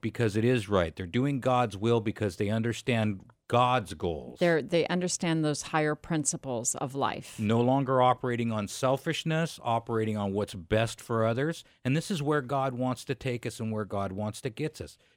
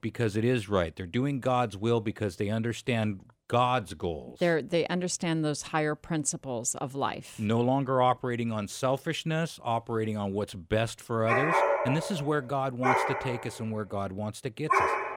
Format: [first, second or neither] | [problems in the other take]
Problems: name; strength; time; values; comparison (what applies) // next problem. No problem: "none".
first | dog barking; loud; from 11 s on; peak 5 dB above the speech